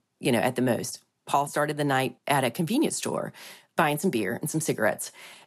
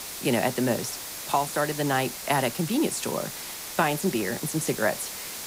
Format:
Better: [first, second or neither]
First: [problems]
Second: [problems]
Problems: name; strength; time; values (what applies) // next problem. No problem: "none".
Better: first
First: none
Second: hiss; loud; throughout; 7 dB below the speech